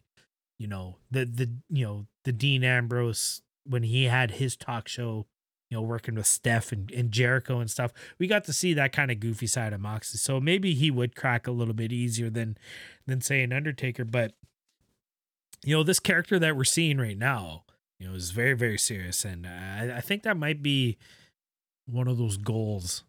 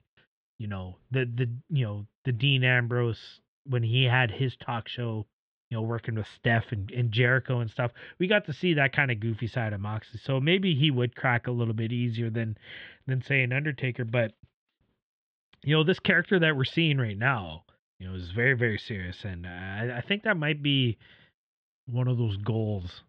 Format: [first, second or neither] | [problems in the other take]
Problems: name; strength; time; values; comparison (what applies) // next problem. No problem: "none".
first | muffled; very; fading above 3.5 kHz